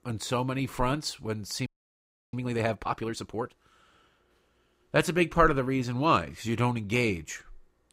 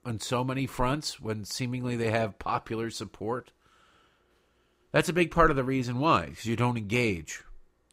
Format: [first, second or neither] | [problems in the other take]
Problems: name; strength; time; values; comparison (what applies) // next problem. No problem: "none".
second | audio freezing; at 1.5 s for 0.5 s